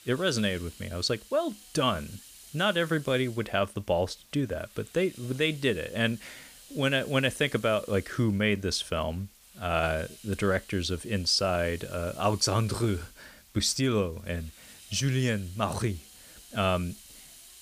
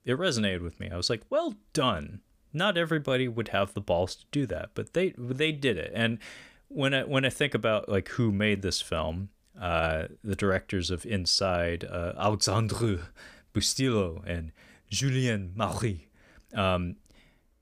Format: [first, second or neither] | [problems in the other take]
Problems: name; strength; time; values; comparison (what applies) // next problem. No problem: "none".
second | hiss; faint; throughout; 20 dB below the speech